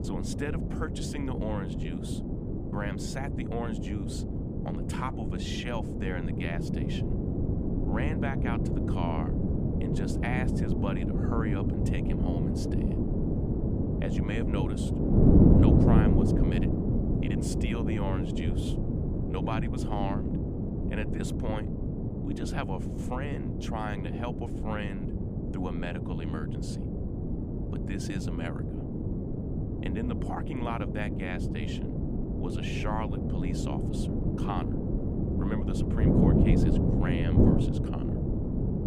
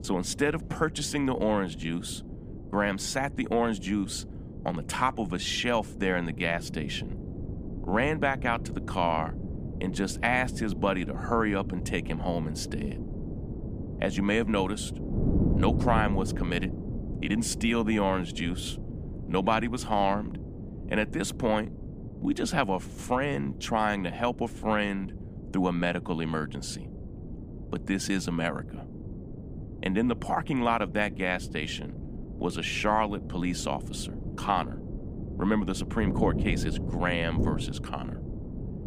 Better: second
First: wind noise on the microphone; heavy; 2 dB above the speech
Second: wind noise on the microphone; occasional gusts; 15 dB below the speech

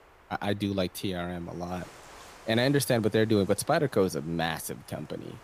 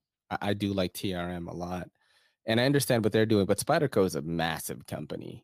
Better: second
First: wind noise on the microphone; occasional gusts; 20 dB below the speech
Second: none

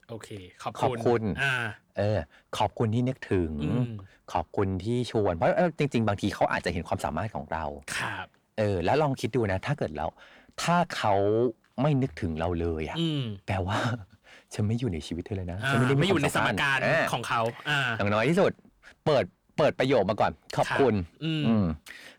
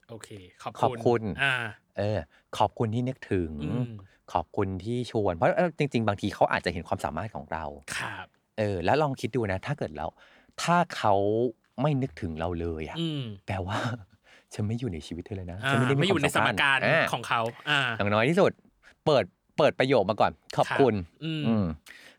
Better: second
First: distortion; slight; 10 dB below the speech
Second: none

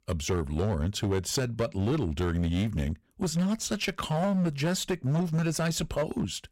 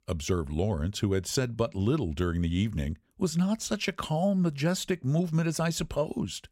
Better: second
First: distortion; slight; 14% of the sound clipped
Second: none

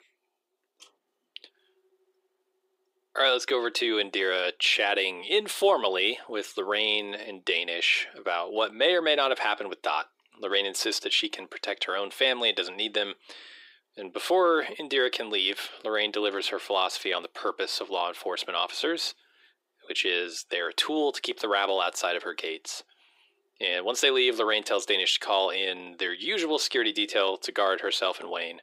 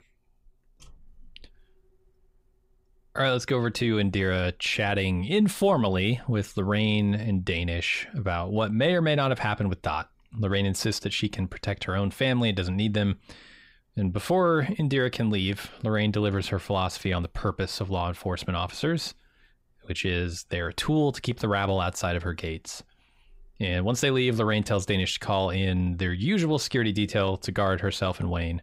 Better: second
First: thin; very; fading below 350 Hz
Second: none

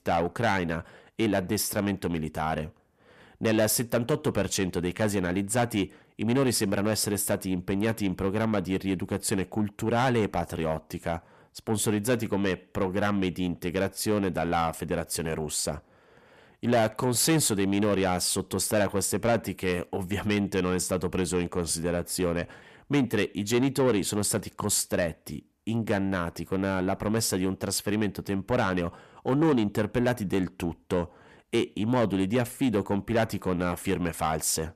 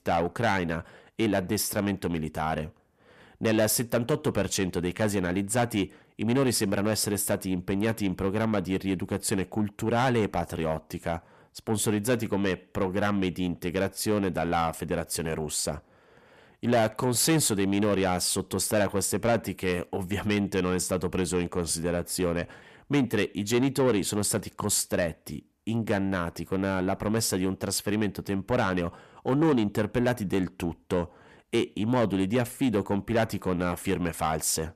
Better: neither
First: distortion; slight; 10 dB below the speech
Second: distortion; slight; 10 dB below the speech

